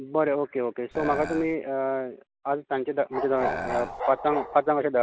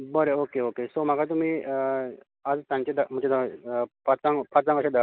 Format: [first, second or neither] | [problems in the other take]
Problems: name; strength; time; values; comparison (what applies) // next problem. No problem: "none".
second | background sound (Bark + Burping, eructation); 6 dB below the speech